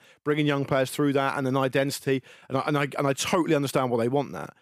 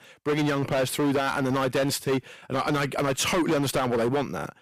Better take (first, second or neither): first